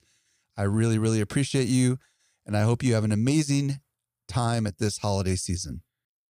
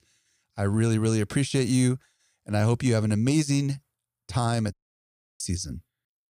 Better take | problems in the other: first | audio cutting out; at 4.5 s for 0.5 s

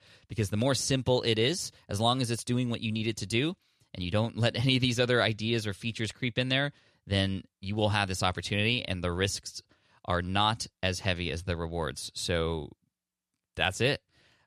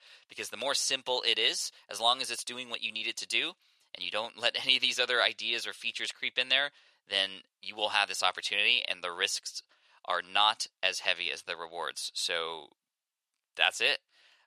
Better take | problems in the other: first | thin; very; fading below 800 Hz

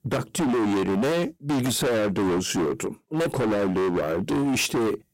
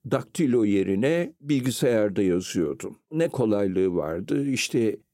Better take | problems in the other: second | distortion; heavy; 37% of the sound clipped

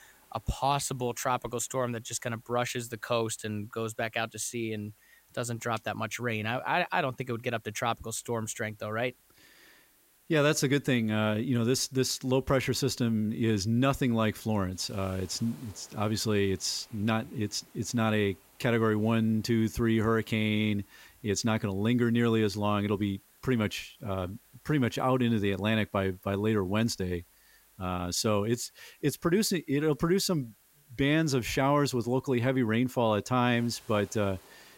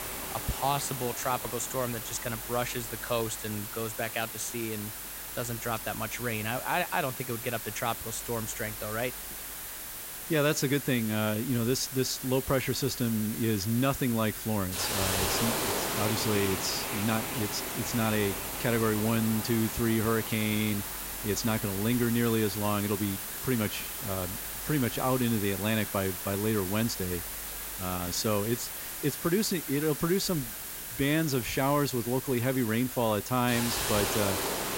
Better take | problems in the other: first | hiss; loud; throughout; 4 dB below the speech; faint in the first

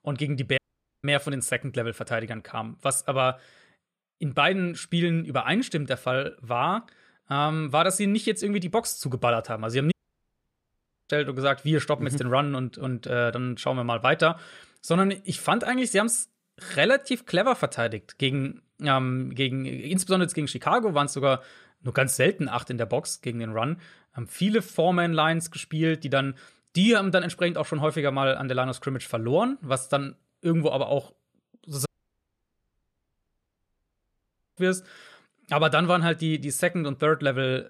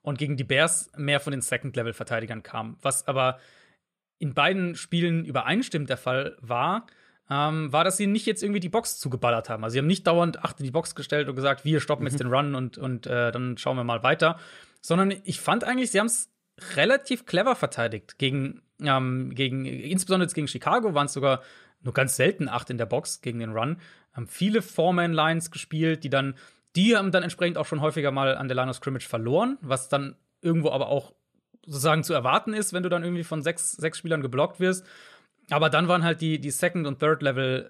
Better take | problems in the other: second | audio cutting out; at 0.5 s, at 10 s for 1 s and at 32 s for 2.5 s

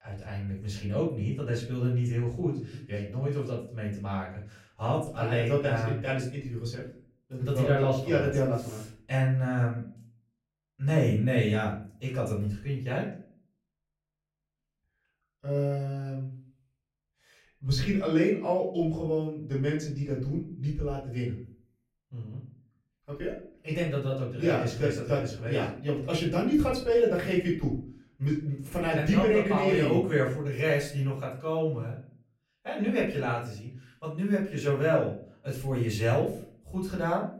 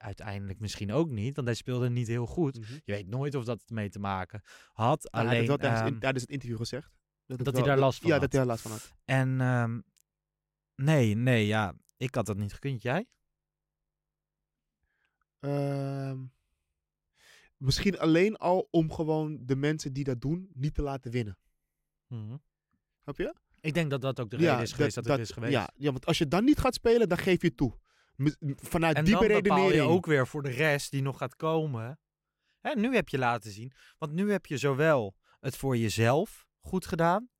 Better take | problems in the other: second | off-mic speech; far // room echo; slight; dies away in 0.4 s

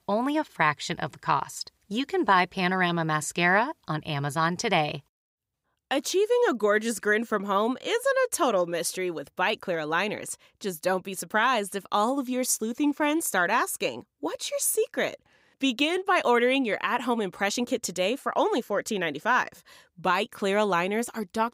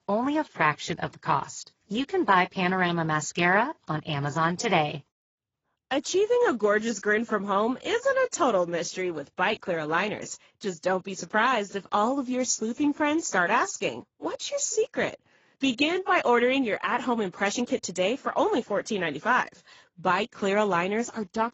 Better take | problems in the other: first | garbled, watery; badly; nothing above 7.5 kHz

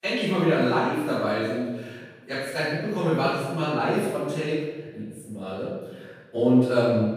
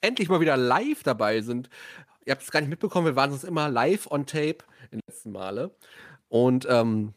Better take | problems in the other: second | off-mic speech; far // room echo; strong; dies away in 1.1 s

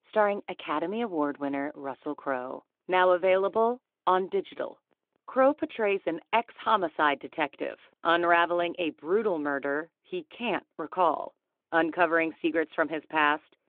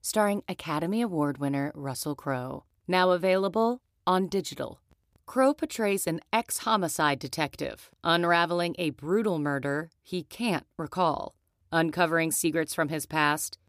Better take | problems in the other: second | phone-call audio

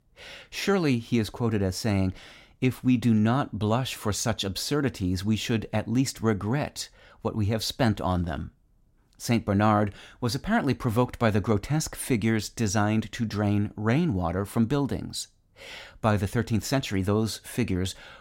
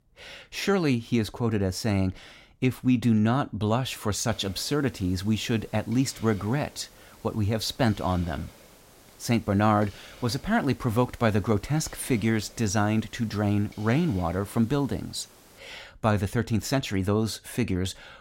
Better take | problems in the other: first | hiss; faint; from 4.5 to 16 s; 25 dB below the speech

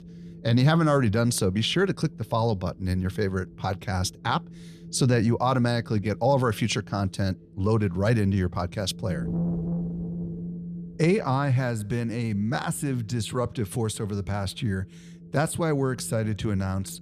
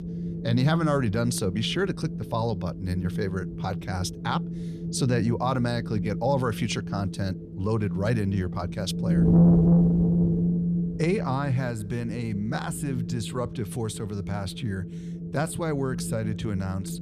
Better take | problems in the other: first | wind noise on the microphone; heavy; 5 dB below the speech; occasional gusts in the first

